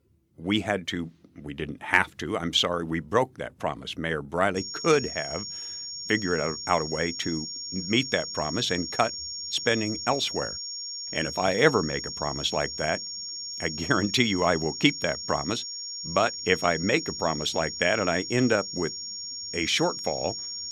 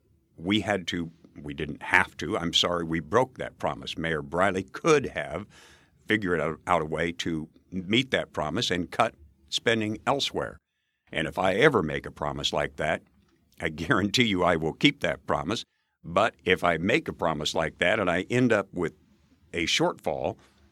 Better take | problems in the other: second | high-pitched whine; loud; from 4.5 s on; 5.5 kHz, 6 dB below the speech

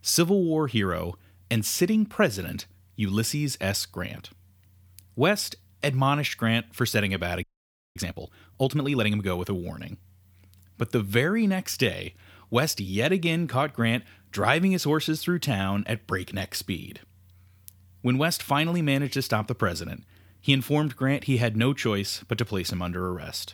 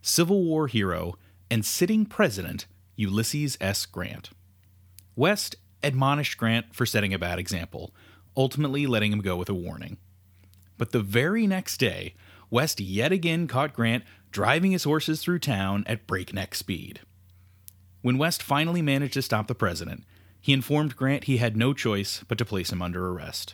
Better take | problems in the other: second | audio freezing; at 7.5 s for 0.5 s

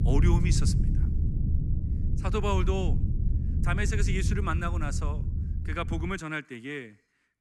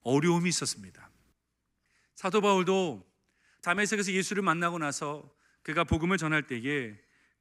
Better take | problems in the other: second | low rumble; loud; until 6 s; 9 dB below the speech

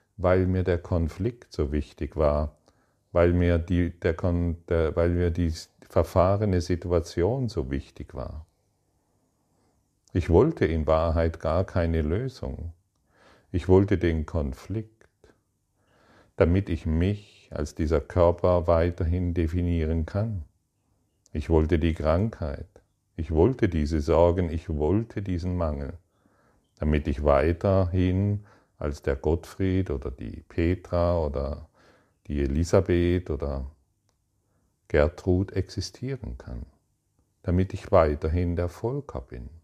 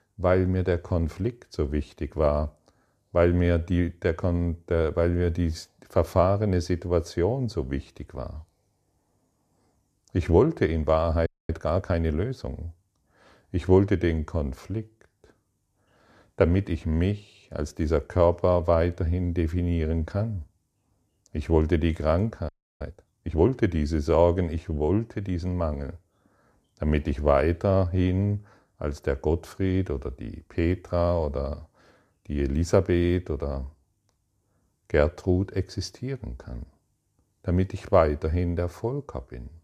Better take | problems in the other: first | audio freezing; at 11 s and at 22 s

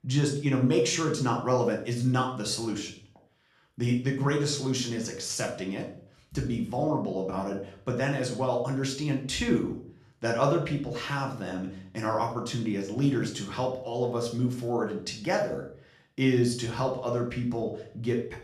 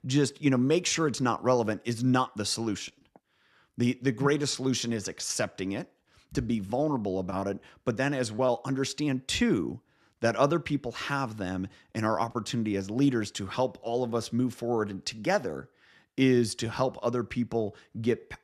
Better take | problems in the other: second | room echo; slight; dies away in 0.5 s // off-mic speech; somewhat distant

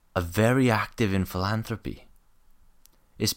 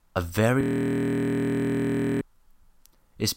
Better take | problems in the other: first | audio freezing; at 0.5 s for 1.5 s

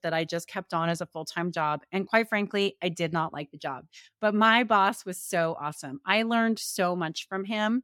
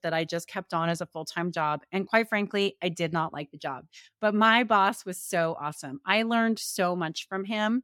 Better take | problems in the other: neither | none

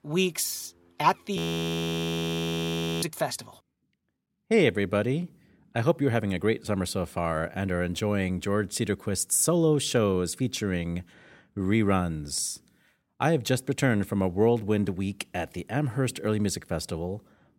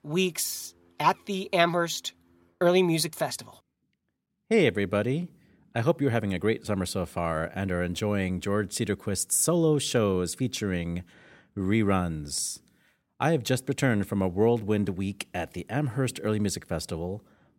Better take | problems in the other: second | audio freezing; at 1.5 s for 1.5 s

